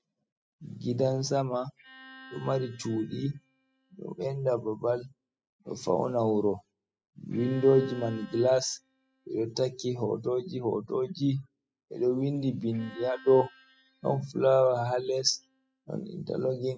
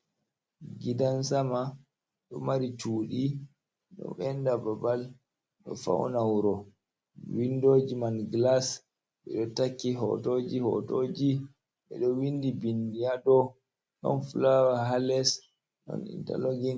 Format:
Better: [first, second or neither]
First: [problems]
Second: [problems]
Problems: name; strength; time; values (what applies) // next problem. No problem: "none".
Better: second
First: noise reduction (classical method spectral subtraction)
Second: none